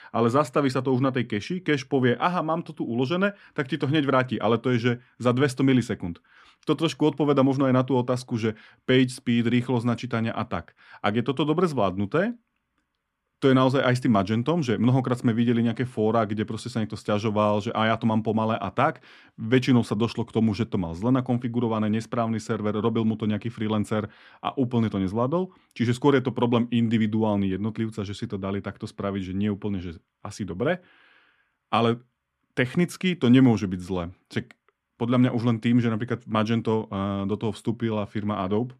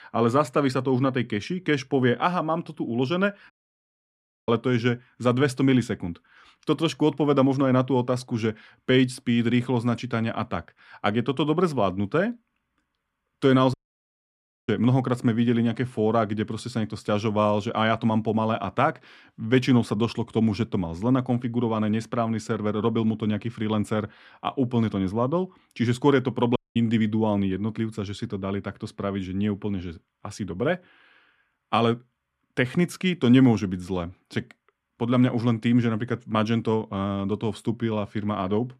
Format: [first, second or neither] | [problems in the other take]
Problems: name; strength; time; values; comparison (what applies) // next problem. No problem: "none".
first | audio cutting out; at 3.5 s for 1 s, at 14 s for 1 s and at 27 s